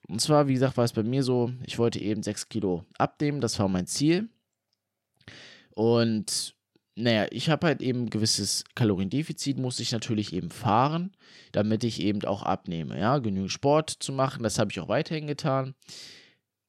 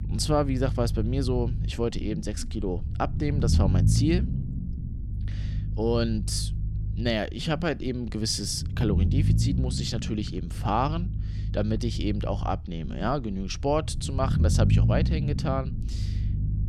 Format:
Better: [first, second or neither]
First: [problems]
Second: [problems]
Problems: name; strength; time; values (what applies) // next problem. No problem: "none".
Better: first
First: none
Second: low rumble; noticeable; throughout; 10 dB below the speech